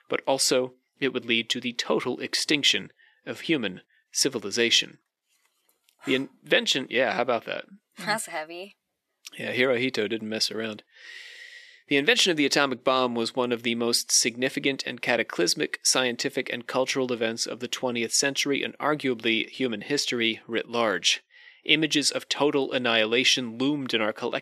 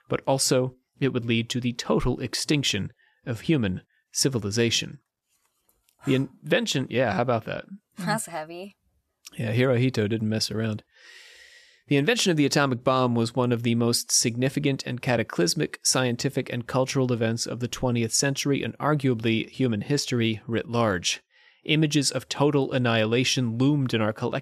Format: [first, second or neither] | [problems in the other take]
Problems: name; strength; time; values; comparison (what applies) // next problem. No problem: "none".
second | thin; very slightly; fading below 350 Hz